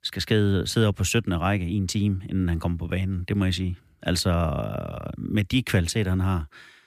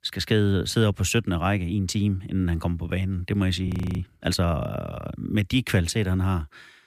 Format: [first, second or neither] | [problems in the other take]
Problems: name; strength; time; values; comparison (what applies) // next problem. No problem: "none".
first | audio freezing; at 3.5 s